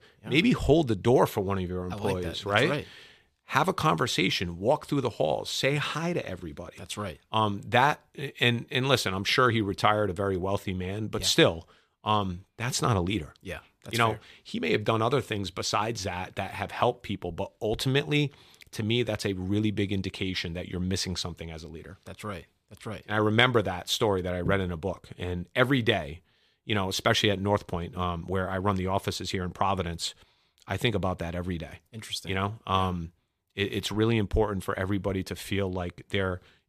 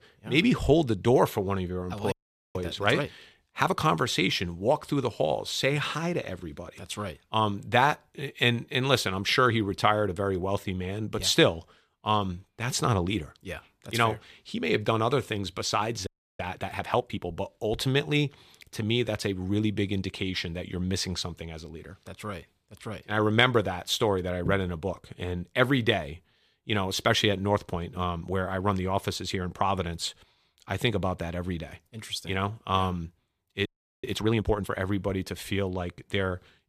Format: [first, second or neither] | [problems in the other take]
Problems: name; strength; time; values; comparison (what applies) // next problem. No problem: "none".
first | audio freezing; at 2 s, at 16 s and at 34 s